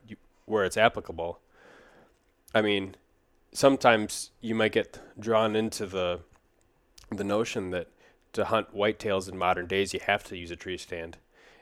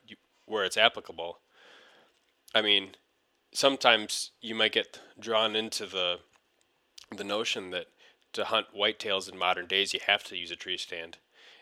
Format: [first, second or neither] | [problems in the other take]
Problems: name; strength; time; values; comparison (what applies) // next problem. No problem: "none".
first | thin; very slightly; fading below 850 Hz